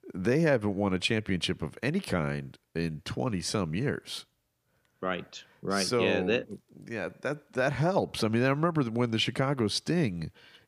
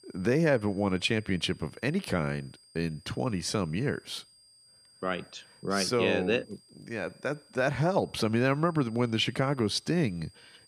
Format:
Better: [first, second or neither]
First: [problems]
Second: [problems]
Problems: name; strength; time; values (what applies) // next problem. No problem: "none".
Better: first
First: none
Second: high-pitched whine; faint; throughout; 5 kHz, 25 dB below the speech